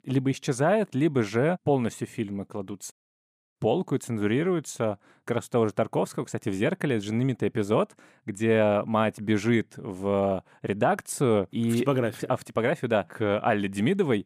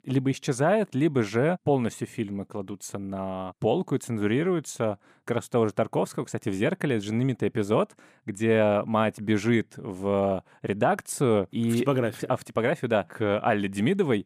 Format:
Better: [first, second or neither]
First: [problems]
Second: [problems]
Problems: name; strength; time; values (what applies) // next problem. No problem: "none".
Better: second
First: audio cutting out; at 3 s for 0.5 s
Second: none